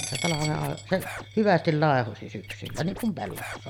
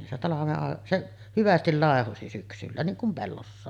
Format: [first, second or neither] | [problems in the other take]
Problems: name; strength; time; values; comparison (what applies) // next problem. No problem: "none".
second | background sound (Coin (dropping) + Scratching (performance technique)); 11 dB below the speech